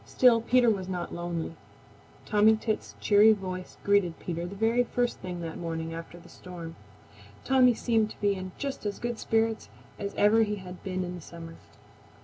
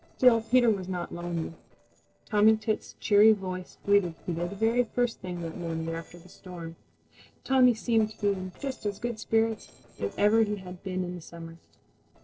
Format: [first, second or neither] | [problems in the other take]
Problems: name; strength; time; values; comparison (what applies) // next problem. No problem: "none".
first | noise reduction (neural separator model SepFormer DNS4)